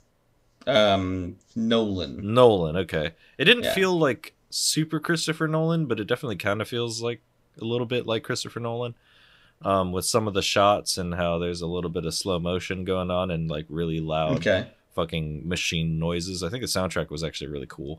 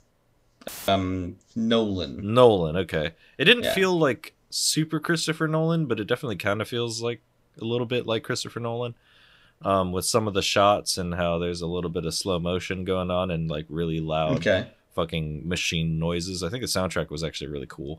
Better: first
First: none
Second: audio cutting out; filled with static; at 0.5 s

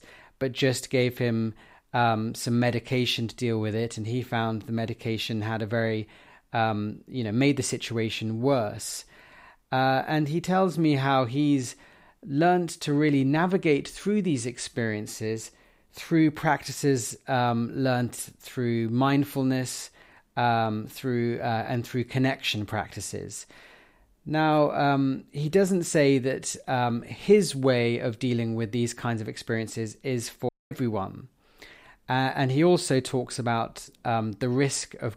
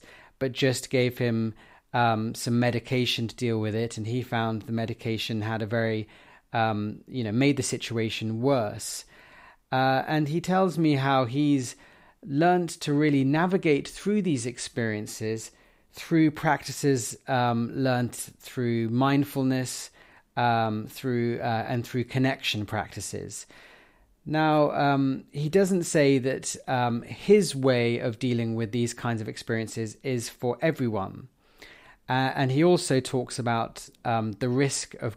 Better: second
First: audio cutting out; at 30 s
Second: none

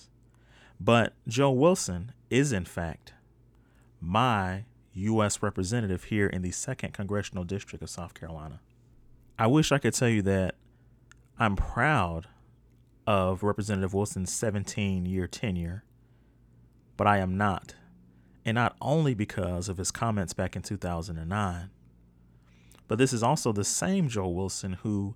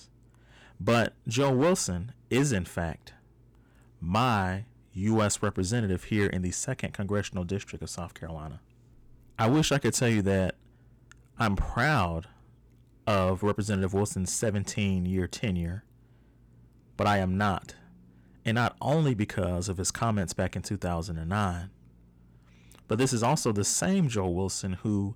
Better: first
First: none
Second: distortion; slight; 4% of the sound clipped

